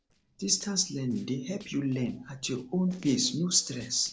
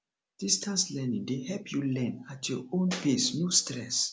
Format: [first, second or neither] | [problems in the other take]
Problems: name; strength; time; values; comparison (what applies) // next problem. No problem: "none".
second | noise reduction (neural separator model SepFormer DNS4)